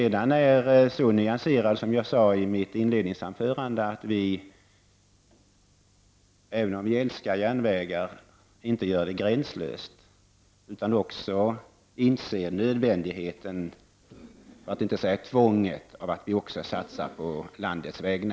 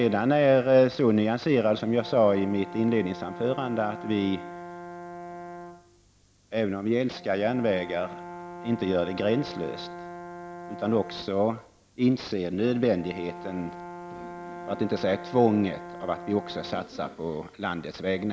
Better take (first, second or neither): first